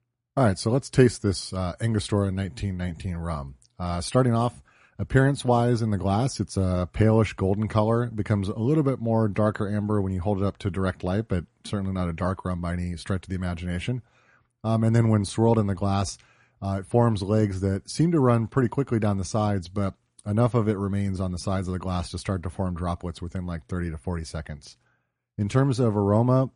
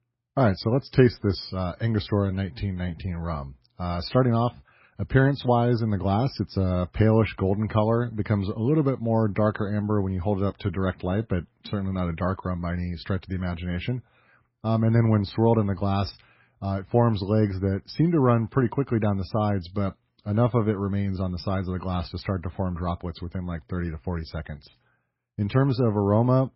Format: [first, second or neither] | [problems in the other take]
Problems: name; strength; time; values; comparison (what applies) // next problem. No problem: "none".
first | garbled, watery; badly; nothing above 5.5 kHz; slightly in the first